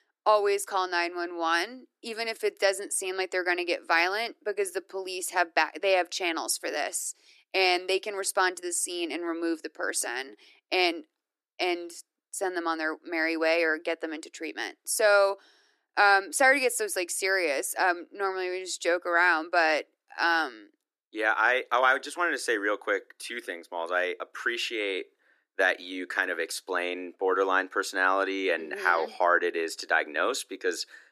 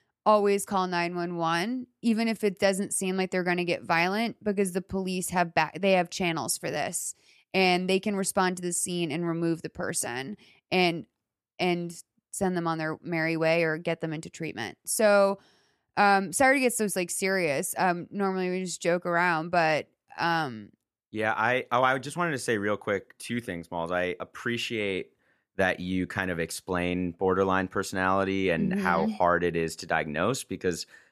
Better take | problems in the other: second | thin; very; fading below 300 Hz

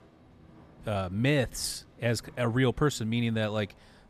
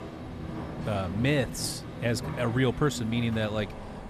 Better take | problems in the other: first | machinery noise; loud; throughout; 9 dB below the speech; faint in the first

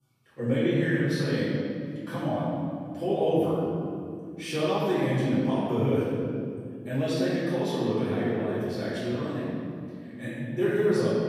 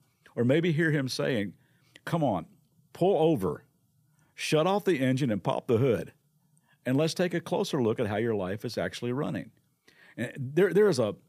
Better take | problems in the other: second | off-mic speech; far // room echo; strong; dies away in 2.5 s

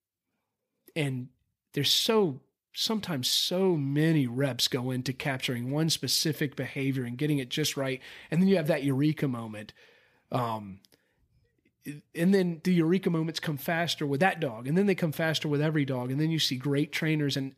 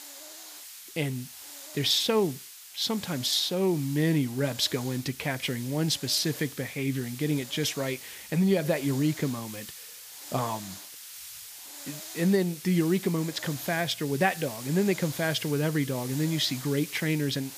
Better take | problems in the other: first | hiss; noticeable; throughout; 15 dB below the speech

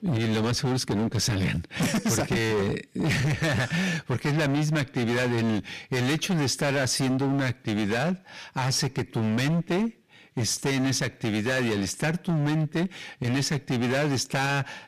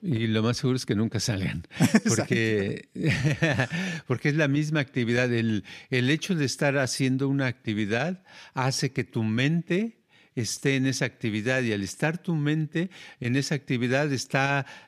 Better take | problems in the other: second | distortion; heavy; 24% of the sound clipped

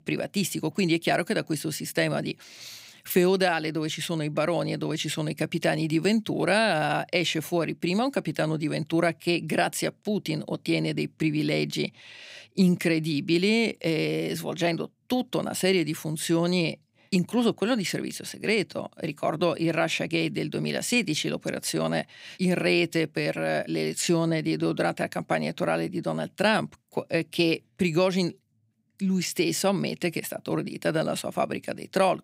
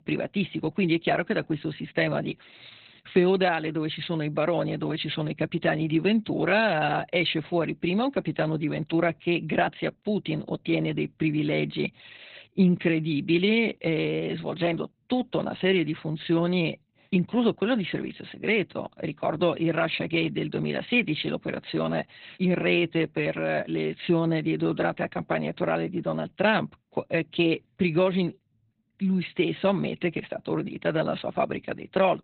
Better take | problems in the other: first | garbled, watery; badly; nothing above 4 kHz

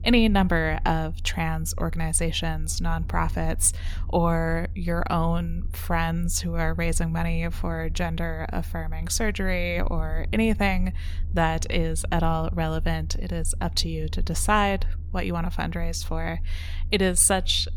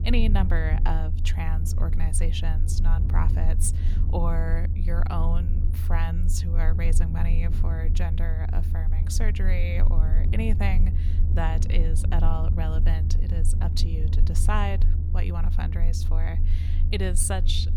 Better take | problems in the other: first | low rumble; loud; throughout; 8 dB below the speech; faint in the first

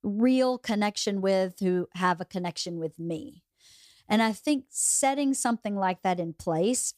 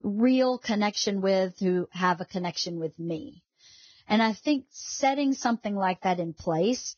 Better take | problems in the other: first | garbled, watery; badly; nothing above 6.5 kHz

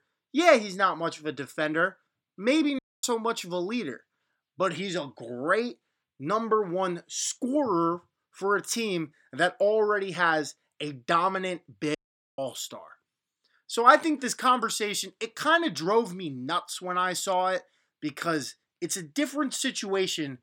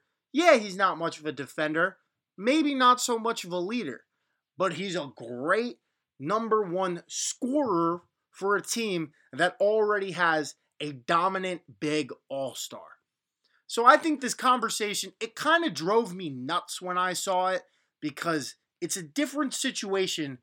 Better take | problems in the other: second | audio cutting out; at 3 s and at 12 s

